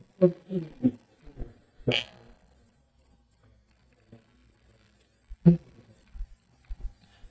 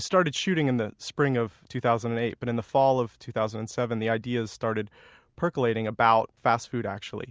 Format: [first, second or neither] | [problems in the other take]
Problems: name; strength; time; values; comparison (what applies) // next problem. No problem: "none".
second | noise reduction (neural mask model DeepFilterNet 3)